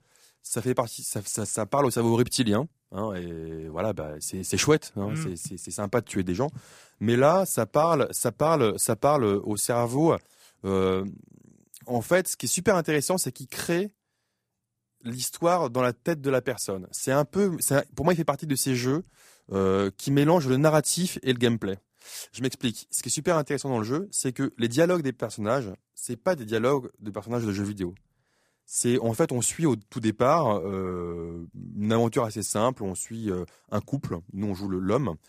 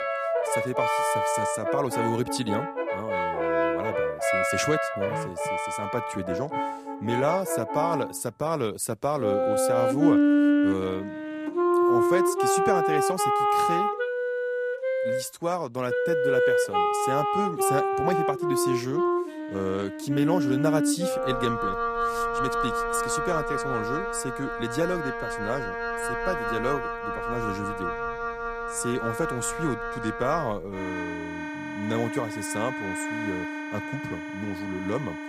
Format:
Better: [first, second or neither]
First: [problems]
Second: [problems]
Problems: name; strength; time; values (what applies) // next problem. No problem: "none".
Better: first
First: none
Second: background music; very loud; throughout; 4 dB above the speech